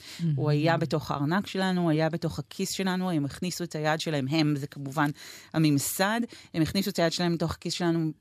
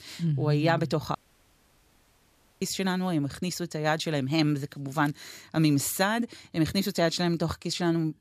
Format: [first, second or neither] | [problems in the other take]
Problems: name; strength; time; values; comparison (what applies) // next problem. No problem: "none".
first | audio cutting out; at 1 s for 1.5 s